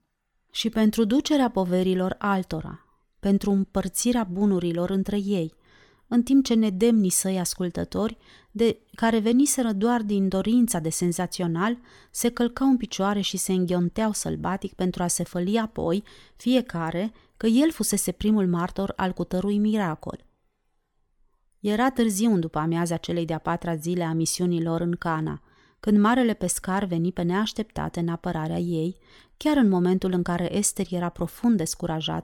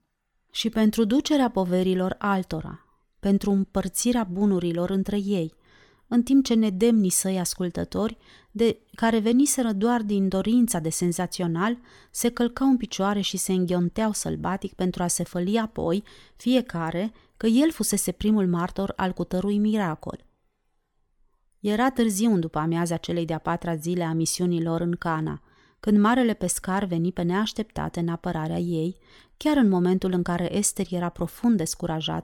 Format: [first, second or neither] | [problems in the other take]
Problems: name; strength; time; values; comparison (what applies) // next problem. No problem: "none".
neither | none